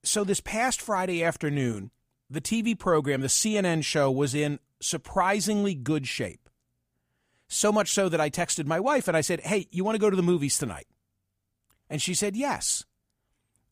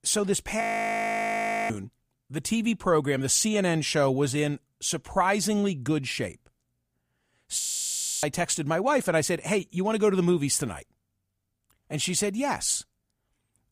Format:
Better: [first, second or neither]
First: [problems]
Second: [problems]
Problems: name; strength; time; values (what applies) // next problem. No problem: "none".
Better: first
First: none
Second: audio freezing; at 0.5 s for 1 s and at 7.5 s for 0.5 s